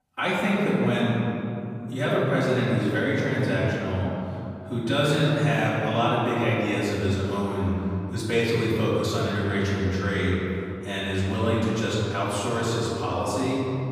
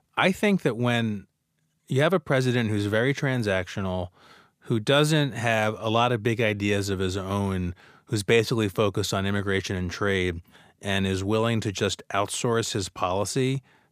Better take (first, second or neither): second